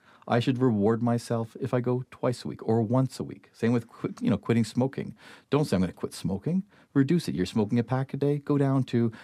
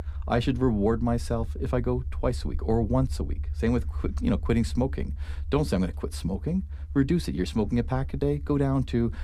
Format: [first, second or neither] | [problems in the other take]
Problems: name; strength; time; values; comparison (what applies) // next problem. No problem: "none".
first | low rumble; faint; throughout; 25 dB below the speech